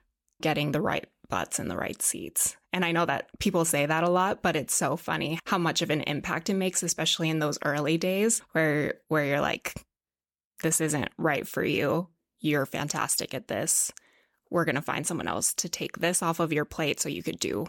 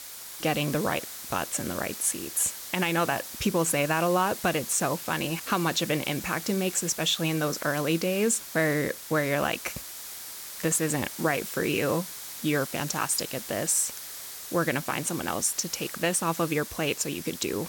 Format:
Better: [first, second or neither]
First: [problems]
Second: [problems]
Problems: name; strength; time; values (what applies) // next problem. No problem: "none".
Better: first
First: none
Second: hiss; loud; throughout; 10 dB below the speech